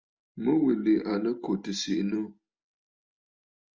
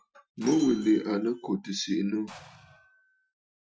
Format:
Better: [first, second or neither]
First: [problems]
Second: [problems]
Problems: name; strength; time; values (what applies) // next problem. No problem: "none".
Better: first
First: none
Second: noise reduction (classical method Wiener filter)